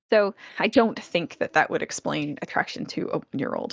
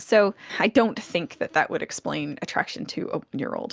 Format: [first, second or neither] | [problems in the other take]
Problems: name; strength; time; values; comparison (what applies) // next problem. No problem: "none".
second | noise reduction (neural mask model DeepFilterNet 3)